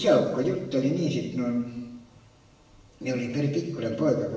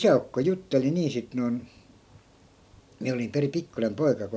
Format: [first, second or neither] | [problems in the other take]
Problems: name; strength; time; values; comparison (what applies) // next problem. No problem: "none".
second | room echo; dies away in 1 s